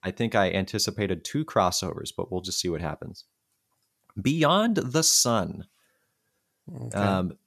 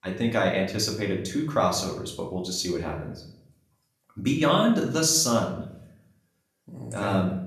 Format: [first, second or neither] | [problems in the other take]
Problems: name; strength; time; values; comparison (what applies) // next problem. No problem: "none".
first | room echo; slight; dies away in 0.6 s // off-mic speech; far